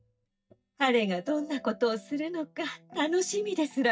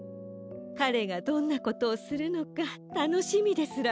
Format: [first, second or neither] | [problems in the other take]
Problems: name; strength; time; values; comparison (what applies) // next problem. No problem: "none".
second | noise reduction (neural mask model DeepFilterNet 3)